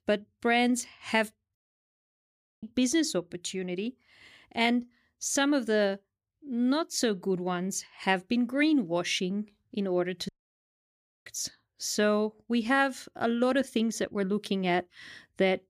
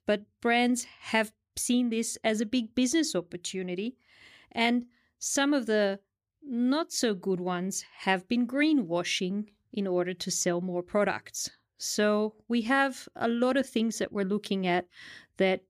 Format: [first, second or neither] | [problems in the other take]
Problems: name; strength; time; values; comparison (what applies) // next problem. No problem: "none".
second | audio cutting out; at 1.5 s for 1 s and at 10 s for 1 s